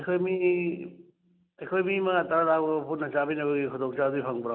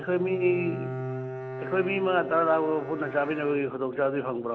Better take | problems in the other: first | background sound (Bowed string instrument); 9 dB below the speech

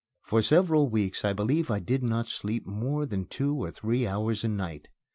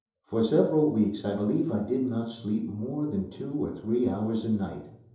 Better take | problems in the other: first | room echo; dies away in 2.8 s

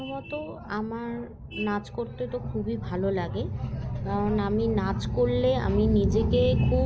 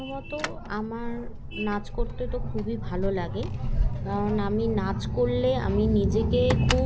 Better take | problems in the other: first | background sound (Keys jangling); 6 dB below the speech

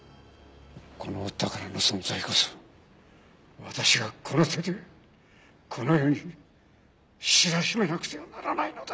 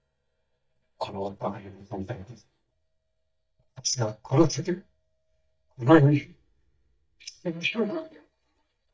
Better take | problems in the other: first | noise reduction (neural mask model DeepFilterNet 3)

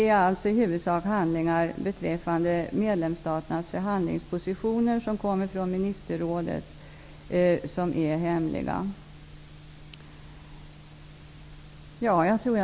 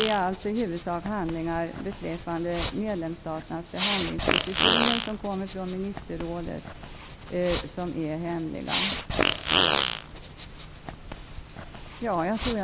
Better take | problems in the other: first | background sound (Fart); as loud as the speech

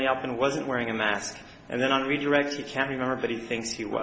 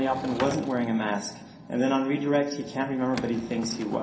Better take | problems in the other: first | background sound (Sliding door / Wood); 14 dB below the speech // room echo; dies away in 0.3 s

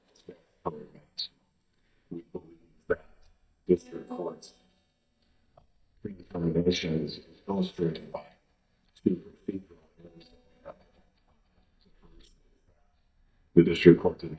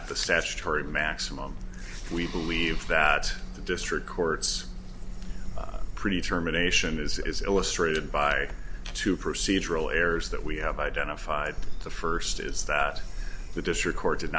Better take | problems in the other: second | noise reduction (neural mask model DeepFilterNet 3)

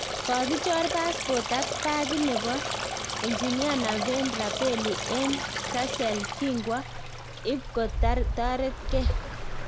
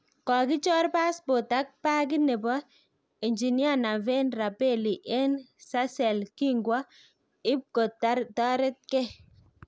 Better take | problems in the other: second | background sound (Stream); 1 dB below the speech

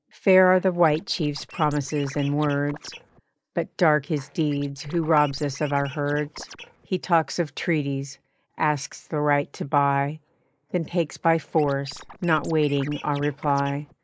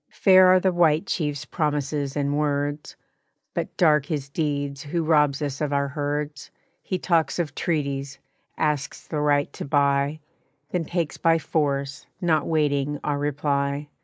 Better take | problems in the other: second | noise reduction (neural mask model Resemble Enhance denoiser)

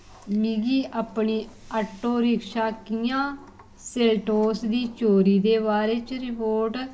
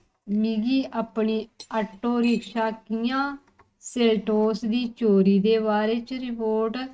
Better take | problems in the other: first | noise reduction (neural mask model RNNoise)

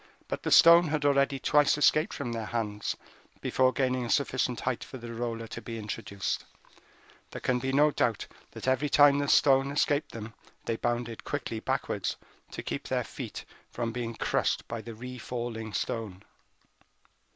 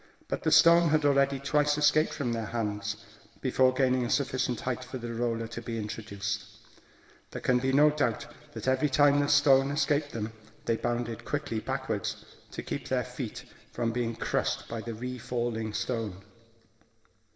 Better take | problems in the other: first | room echo; dies away in 1.4 s

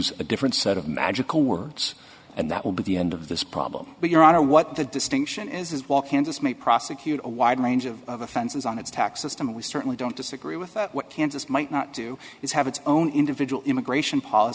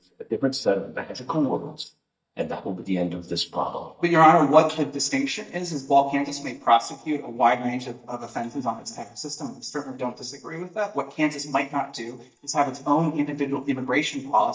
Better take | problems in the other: first | noise reduction (neural mask model DeepFilterNet 3)

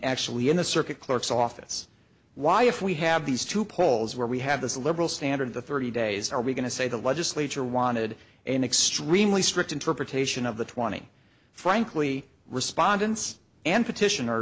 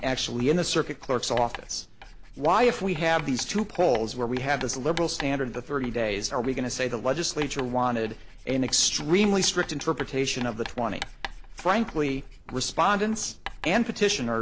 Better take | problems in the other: first | background sound (Writing); 14 dB below the speech

